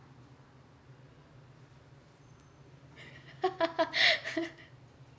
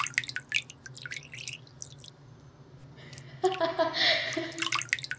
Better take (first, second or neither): first